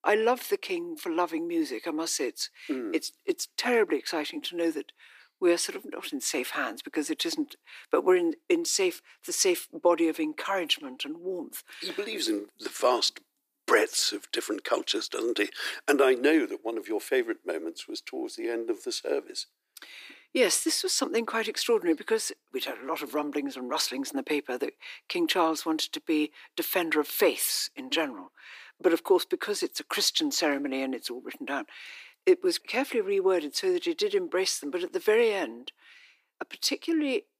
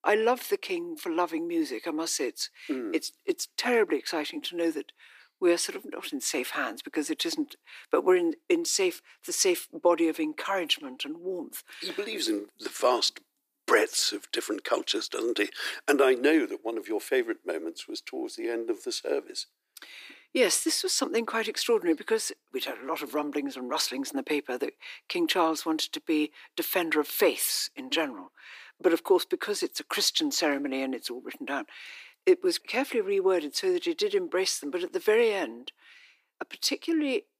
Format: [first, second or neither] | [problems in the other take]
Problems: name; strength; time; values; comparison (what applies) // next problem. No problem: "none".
neither | thin; somewhat; fading below 300 Hz; the same in both